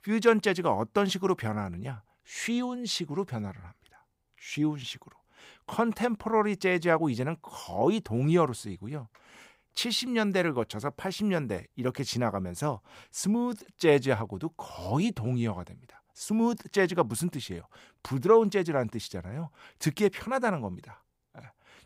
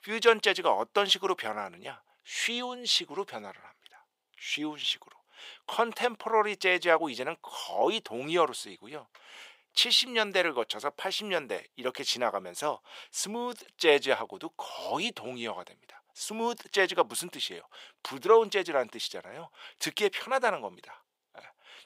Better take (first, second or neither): first